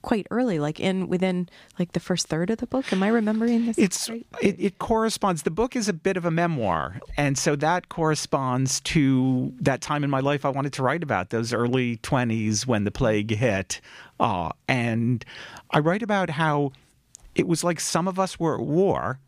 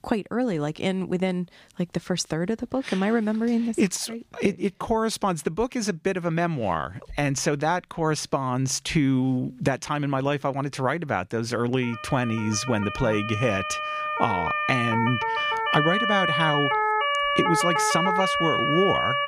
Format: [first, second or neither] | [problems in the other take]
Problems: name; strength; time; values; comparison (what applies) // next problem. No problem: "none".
first | siren; loud; from 12 s on; peak 3 dB above the speech